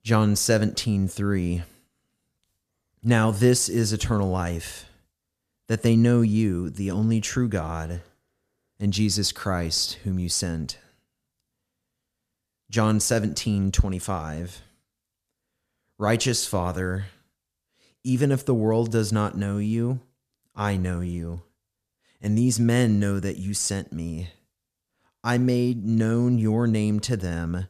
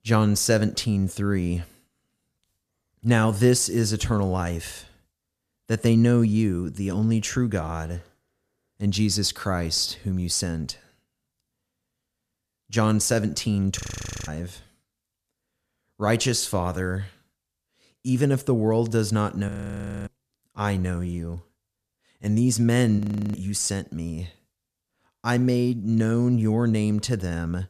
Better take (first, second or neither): first